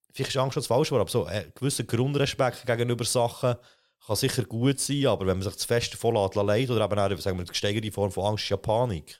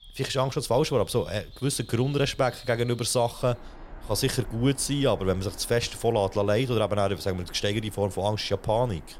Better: first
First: none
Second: animal sounds; faint; throughout; 20 dB below the speech

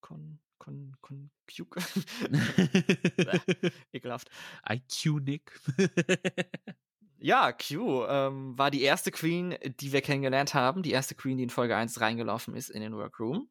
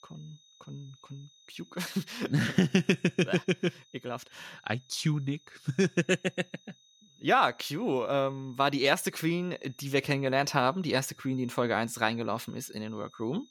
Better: first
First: none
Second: high-pitched whine; faint; throughout; 3.5 kHz, 30 dB below the speech

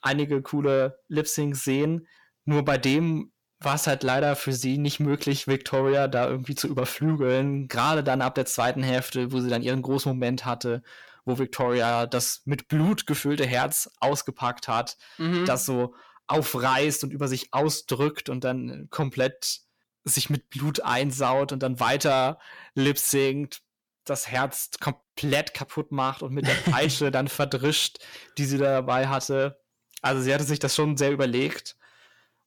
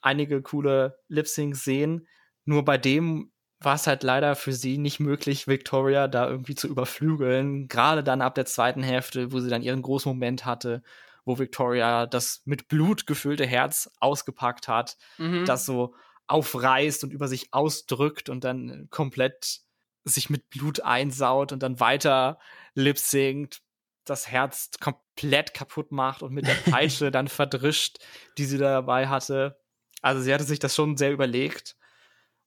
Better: second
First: distortion; slight; 10 dB below the speech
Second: none

